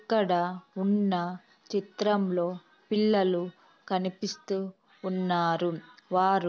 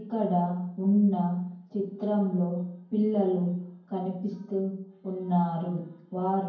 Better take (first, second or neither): first